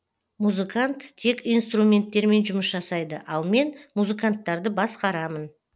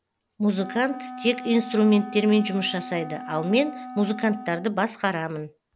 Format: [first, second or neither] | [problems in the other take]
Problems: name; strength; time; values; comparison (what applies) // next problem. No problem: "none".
first | background sound (Wind instrument, woodwind instrument); 14 dB below the speech